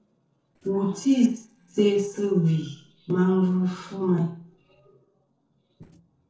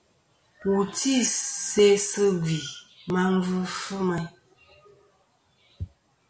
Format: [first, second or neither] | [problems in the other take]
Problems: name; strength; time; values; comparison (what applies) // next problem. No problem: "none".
second | noise reduction (neural separator model SepFormer DNS4)